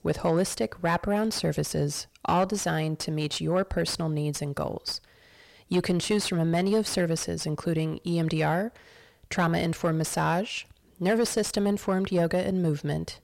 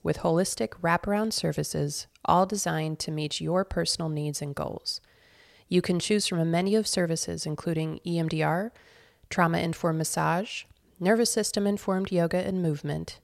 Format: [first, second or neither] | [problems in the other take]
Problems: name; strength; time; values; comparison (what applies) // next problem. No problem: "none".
second | distortion; slight; 10 dB below the speech